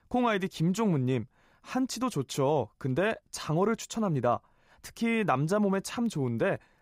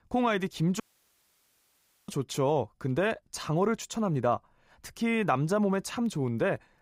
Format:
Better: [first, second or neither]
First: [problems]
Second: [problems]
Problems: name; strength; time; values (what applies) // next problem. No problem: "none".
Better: first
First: none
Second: audio cutting out; at 1 s for 1.5 s